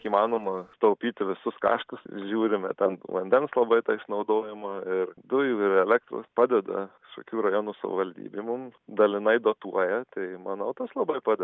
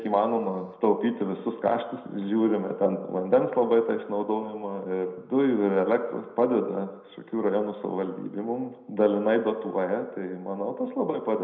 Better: first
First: none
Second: room echo; dies away in 0.7 s

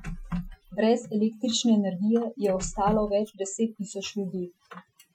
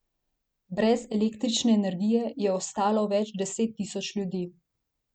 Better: second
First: noise reduction (classical method Wiener filter)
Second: none

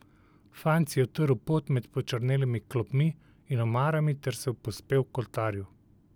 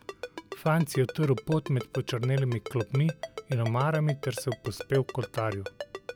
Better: first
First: none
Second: background sound (Ringtone); 12 dB below the speech

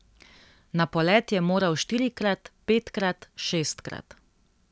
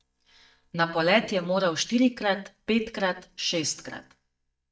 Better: first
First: none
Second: noise reduction (neural mask model DeepFilterNet 3)

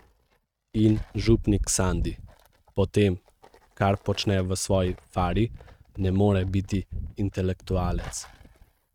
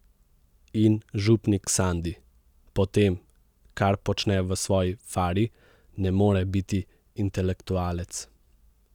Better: second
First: noise reduction (neural mask model RNNoise)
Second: none

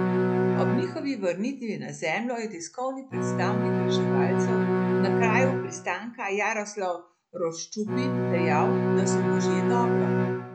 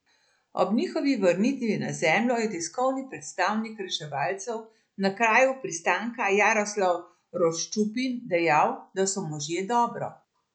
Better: second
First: background sound (Bowed string instrument); 5 dB above the speech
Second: none

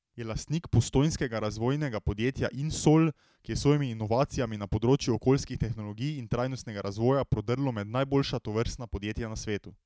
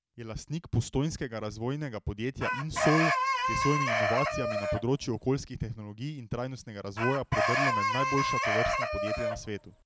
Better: first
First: none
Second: background sound (Chicken, rooster); 3 dB above the speech

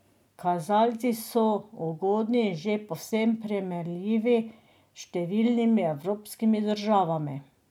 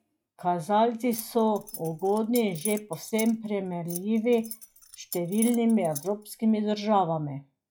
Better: first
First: none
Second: noise reduction (classical method log-MMSE)

